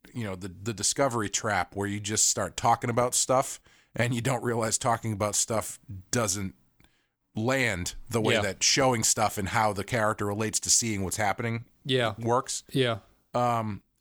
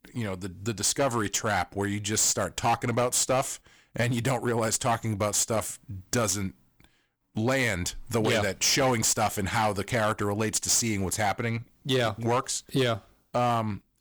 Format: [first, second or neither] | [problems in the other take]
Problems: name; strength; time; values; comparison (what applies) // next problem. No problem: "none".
first | distortion; slight; 8% of the sound clipped